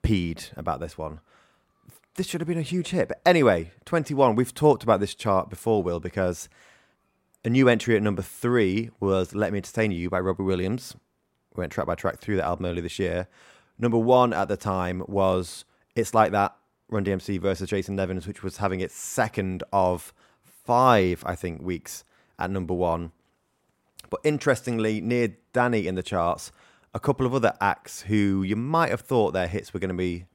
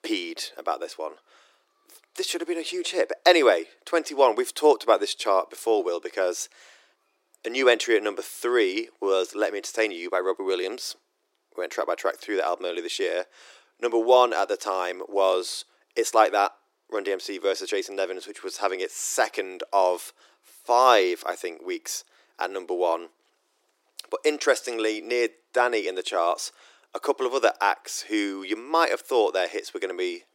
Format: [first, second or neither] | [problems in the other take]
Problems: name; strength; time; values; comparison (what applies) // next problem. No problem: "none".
first | thin; very; fading below 300 Hz